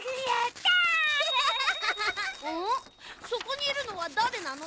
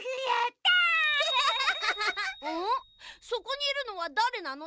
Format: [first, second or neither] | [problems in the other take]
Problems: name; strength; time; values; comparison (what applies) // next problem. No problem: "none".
second | background sound (Tearing); 17 dB below the speech